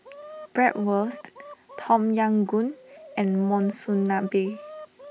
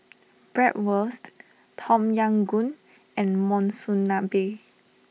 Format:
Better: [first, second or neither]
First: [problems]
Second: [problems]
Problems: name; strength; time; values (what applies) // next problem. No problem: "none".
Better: second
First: background sound (Chicken, rooster); 18 dB below the speech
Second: none